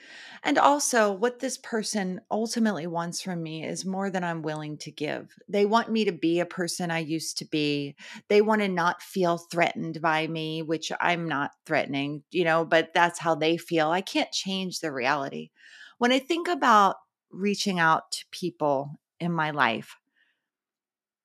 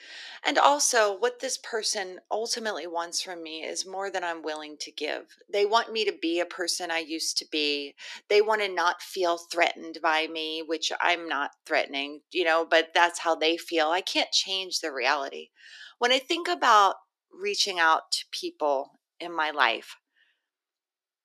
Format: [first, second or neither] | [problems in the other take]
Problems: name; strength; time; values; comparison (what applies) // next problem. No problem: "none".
first | thin; somewhat; fading below 350 Hz